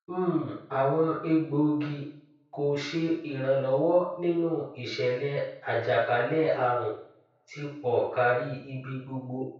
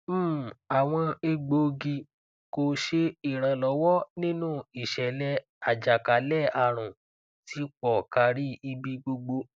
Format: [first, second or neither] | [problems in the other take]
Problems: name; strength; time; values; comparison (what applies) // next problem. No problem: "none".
second | room echo; dies away in 0.6 s